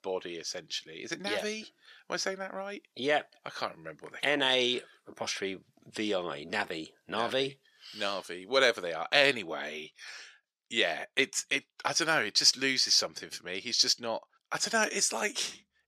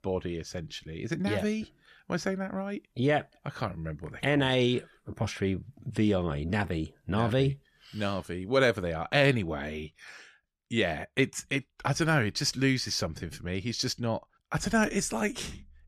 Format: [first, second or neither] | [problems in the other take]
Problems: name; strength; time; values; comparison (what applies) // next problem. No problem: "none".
second | thin; somewhat; fading below 400 Hz